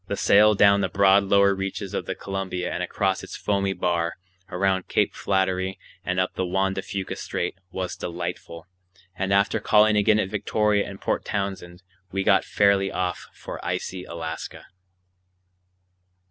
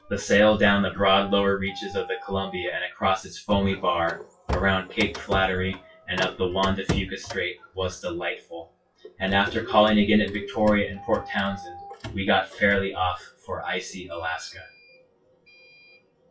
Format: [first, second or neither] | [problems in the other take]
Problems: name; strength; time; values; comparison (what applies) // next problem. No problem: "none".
first | noise reduction (classical method WPE with log-MMSE)